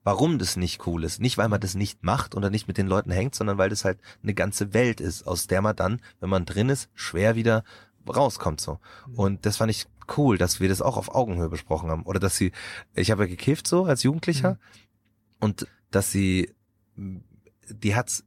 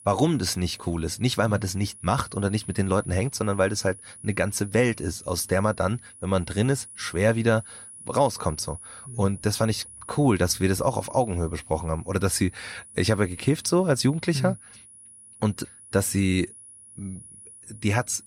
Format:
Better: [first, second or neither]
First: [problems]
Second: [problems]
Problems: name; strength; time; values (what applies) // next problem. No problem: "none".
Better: first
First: none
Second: high-pitched whine; noticeable; throughout; 10.5 kHz, 20 dB below the speech